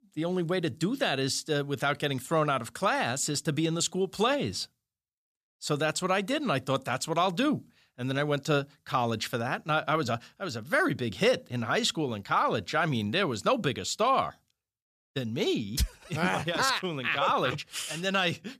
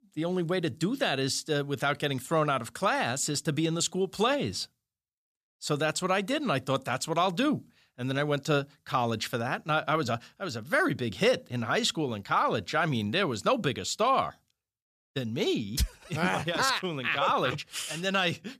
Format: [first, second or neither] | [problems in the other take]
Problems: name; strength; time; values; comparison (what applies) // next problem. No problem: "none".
neither | none